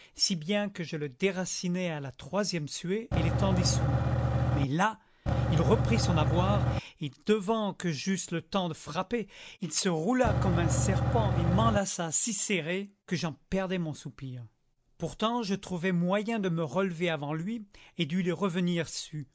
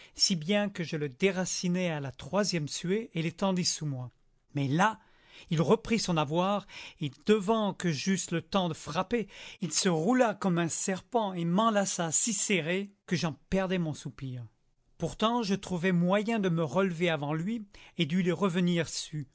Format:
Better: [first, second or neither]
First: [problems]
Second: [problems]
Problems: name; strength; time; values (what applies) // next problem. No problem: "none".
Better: second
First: background sound (Engine / Truck / Car); 4 dB above the speech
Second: none